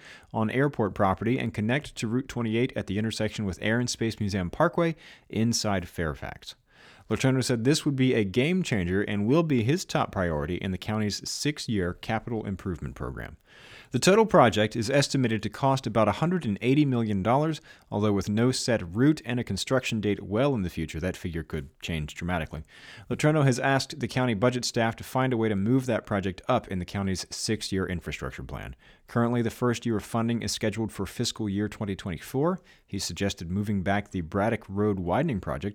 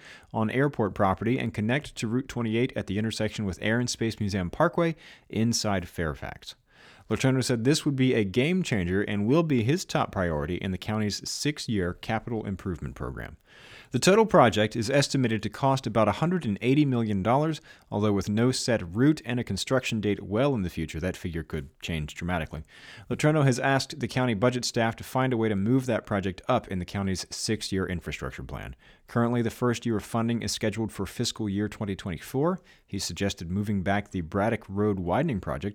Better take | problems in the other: neither | none

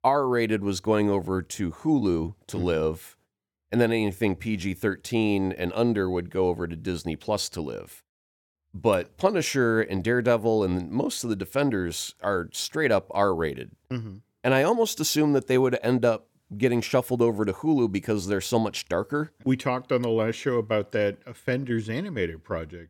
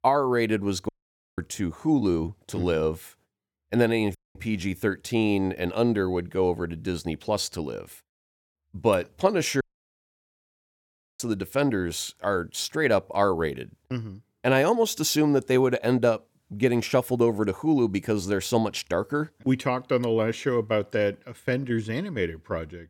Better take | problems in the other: first | audio cutting out; at 1 s, at 4 s and at 9.5 s for 1.5 s

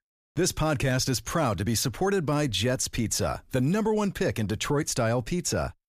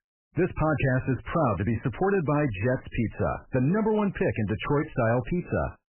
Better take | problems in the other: first | garbled, watery; badly; nothing above 3 kHz

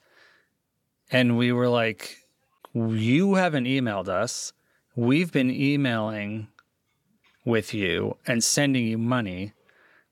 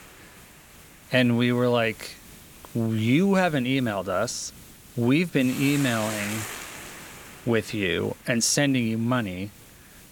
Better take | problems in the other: first | hiss; noticeable; throughout; 15 dB below the speech

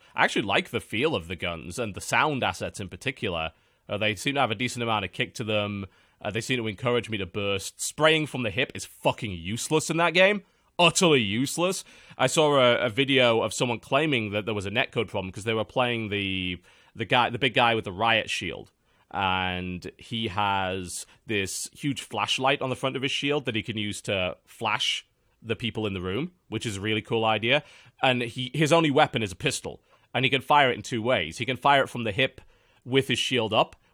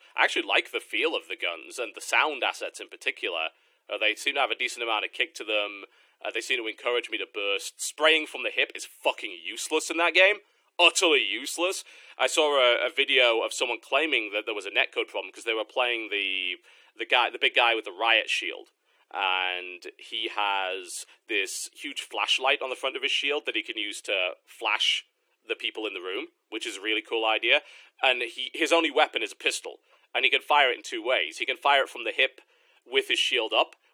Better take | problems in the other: first | thin; very; fading below 350 Hz

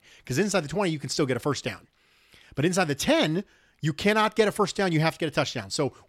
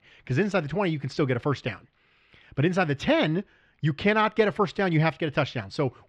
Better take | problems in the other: first | muffled; slightly; fading above 2.5 kHz

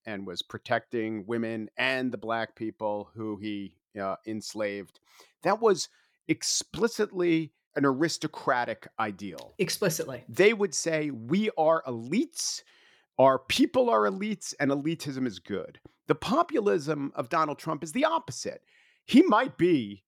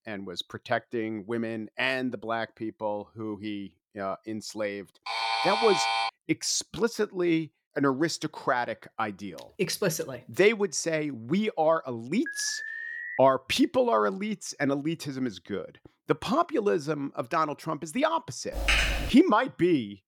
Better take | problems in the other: first | alarm; loud; from 5 to 6 s; peak 2 dB above the speech // alarm; noticeable; at 12 s; peak 6 dB below the speech // keyboard typing; loud; at 19 s; peak 4 dB above the speech

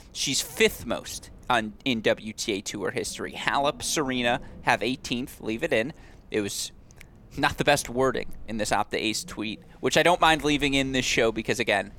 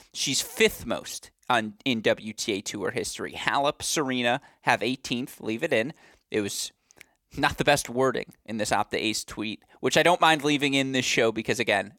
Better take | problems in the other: second | wind in the background; faint; throughout; 25 dB below the speech

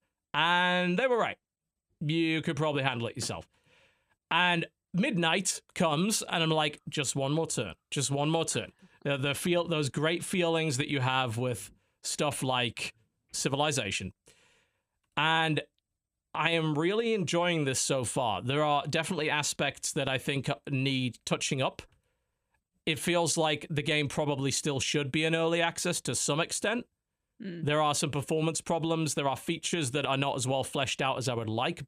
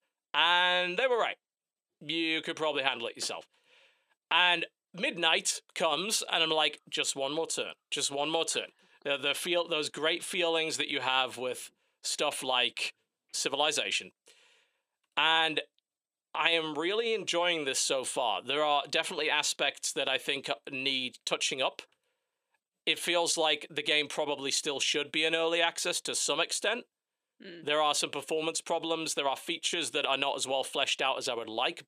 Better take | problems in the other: first | thin; somewhat; fading below 450 Hz

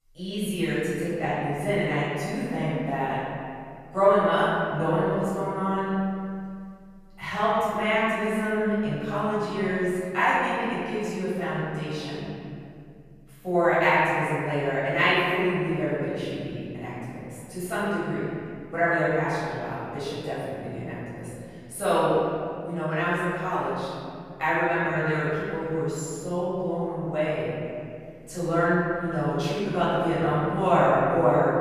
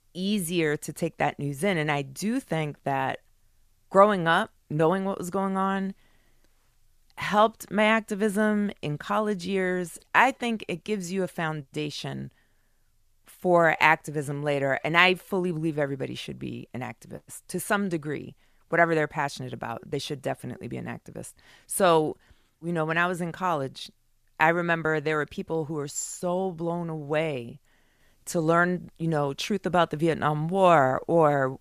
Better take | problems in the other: second | off-mic speech; far // room echo; strong; dies away in 2.3 s

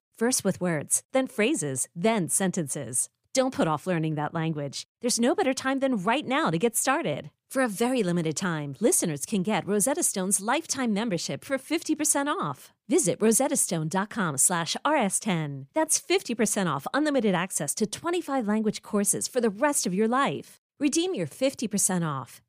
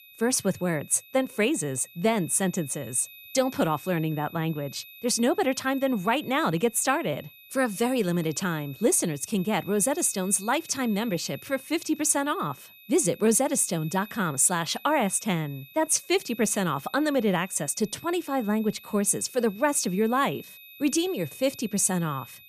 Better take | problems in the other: first | high-pitched whine; faint; throughout; 2.5 kHz, 20 dB below the speech

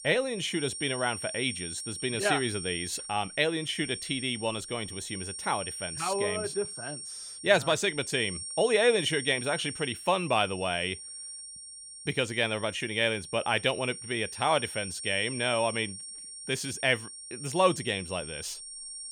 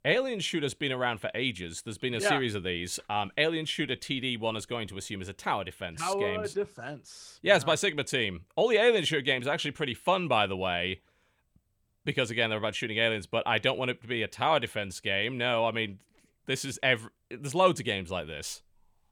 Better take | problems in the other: second | high-pitched whine; loud; throughout; 8.5 kHz, 9 dB below the speech

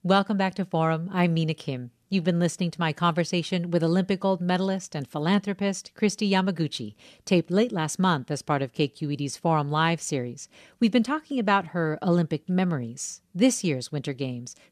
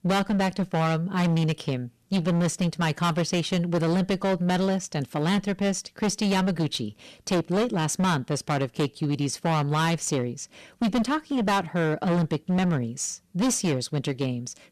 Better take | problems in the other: first | distortion; heavy; 19% of the sound clipped

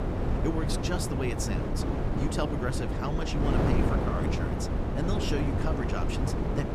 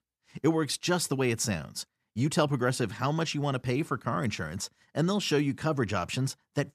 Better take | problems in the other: second | wind noise on the microphone; heavy; 1 dB above the speech

